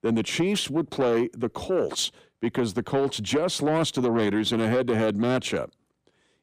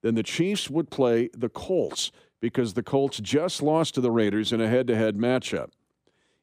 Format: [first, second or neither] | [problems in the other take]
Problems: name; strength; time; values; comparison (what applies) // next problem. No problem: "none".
second | distortion; slight; 10 dB below the speech